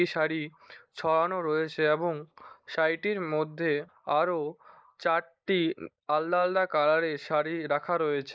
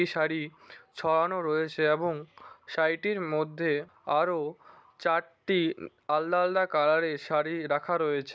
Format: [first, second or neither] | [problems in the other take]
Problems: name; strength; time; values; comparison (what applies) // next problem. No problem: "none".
second | noise reduction (neural mask model Resemble Enhance denoiser)